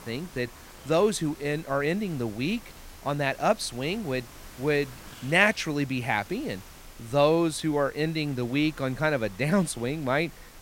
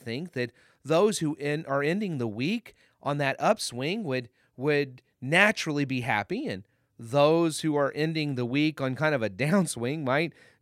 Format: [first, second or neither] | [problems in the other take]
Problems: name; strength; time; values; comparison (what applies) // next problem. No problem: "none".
second | hiss; noticeable; throughout; 20 dB below the speech